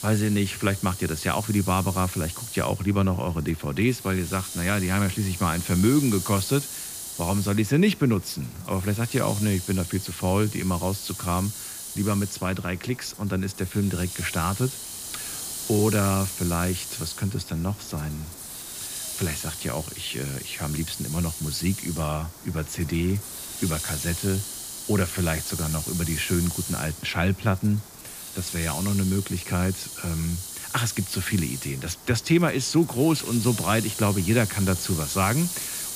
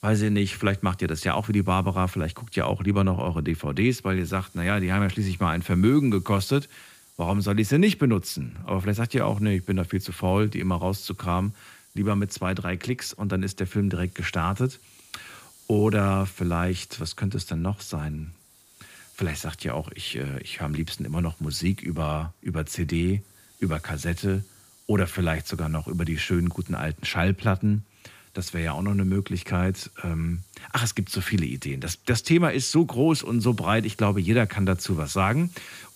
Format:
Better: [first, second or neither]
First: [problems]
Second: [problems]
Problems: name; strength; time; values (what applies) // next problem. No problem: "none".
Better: second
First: hiss; loud; throughout; 7 dB below the speech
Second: hiss; faint; throughout; 25 dB below the speech